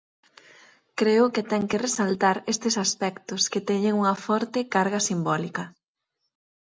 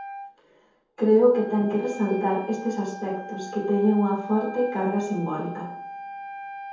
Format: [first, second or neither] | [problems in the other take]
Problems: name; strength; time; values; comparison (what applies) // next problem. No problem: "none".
first | background sound (Wind instrument, woodwind instrument); 13 dB below the speech // room echo; dies away in 0.7 s